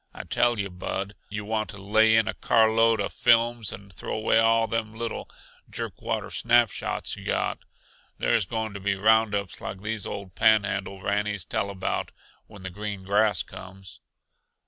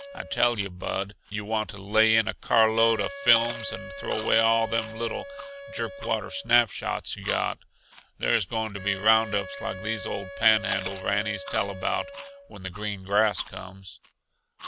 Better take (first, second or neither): first